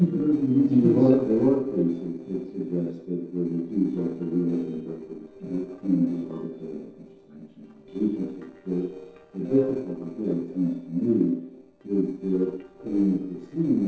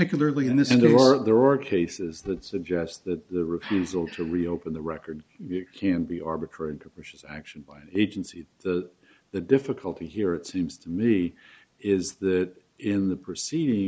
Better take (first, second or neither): second